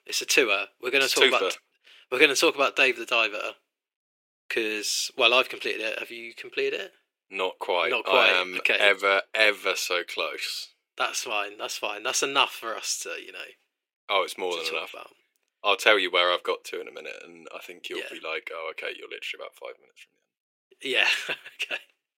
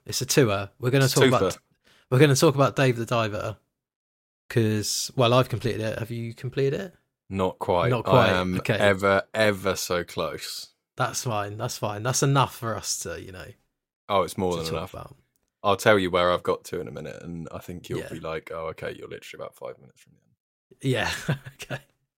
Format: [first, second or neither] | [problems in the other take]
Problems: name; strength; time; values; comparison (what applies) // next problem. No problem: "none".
second | thin; very; fading below 350 Hz